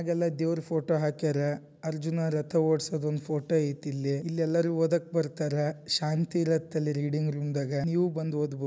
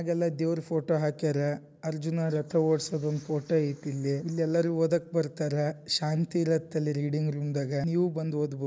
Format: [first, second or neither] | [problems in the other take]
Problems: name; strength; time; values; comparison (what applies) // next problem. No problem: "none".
first | noise reduction (neural mask model Resemble Enhance denoiser)